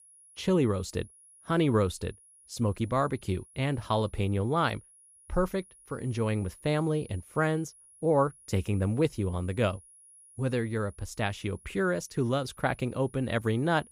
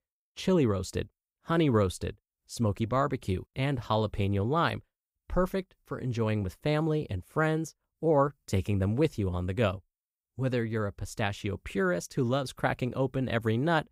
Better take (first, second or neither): second